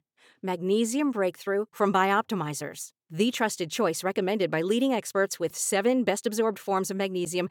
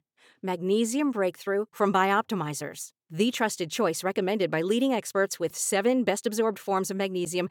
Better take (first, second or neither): neither